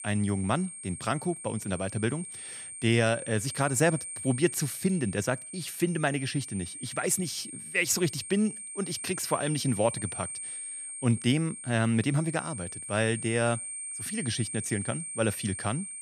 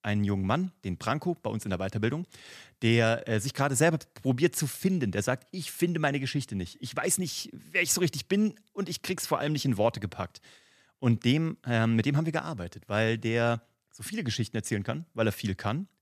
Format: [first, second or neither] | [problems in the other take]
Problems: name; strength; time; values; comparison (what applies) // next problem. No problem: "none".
second | high-pitched whine; loud; throughout; 8.5 kHz, 7 dB below the speech